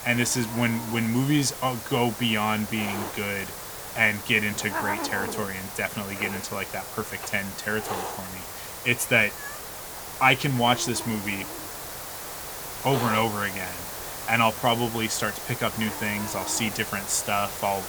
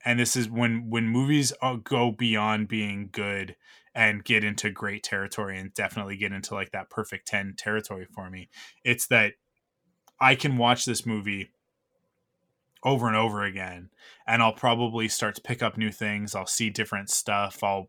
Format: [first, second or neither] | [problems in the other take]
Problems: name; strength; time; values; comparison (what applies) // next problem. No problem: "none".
second | hiss; loud; throughout; 8 dB below the speech